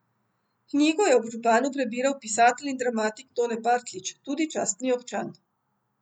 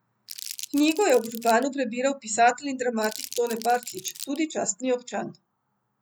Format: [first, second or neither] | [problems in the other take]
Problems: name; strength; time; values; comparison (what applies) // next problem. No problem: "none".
first | background sound (Crumpling, crinkling); 14 dB below the speech